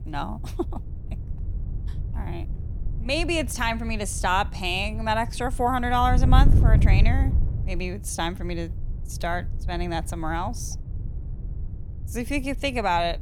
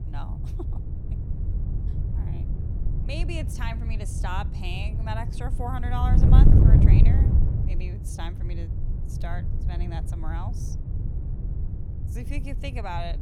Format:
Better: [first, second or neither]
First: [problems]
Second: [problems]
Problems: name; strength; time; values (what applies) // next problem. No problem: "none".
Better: first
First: wind noise on the microphone; occasional gusts; 15 dB below the speech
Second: wind noise on the microphone; heavy; 2 dB below the speech